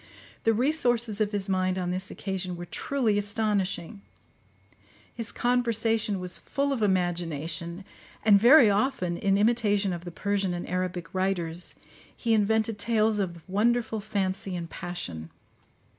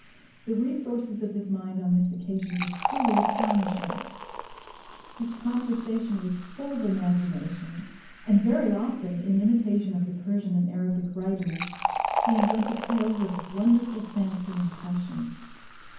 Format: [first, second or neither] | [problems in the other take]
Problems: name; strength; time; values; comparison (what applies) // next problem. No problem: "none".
first | background sound (Fill (with liquid)); 8 dB below the speech // room echo; dies away in 0.9 s